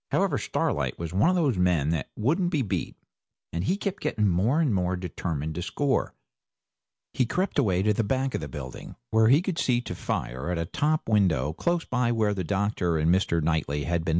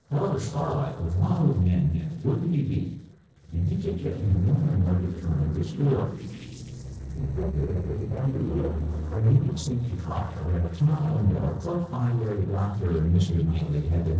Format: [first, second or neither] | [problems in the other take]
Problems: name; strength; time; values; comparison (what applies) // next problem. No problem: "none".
first | noise reduction (neural separator model SepFormer DNS4)